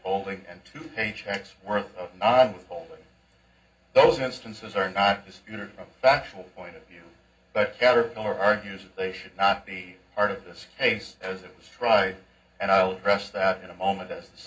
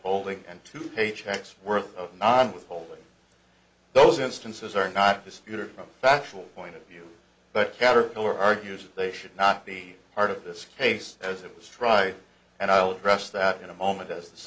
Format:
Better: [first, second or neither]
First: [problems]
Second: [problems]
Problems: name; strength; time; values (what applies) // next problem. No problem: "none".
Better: second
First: room echo; dies away in 0.4 s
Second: none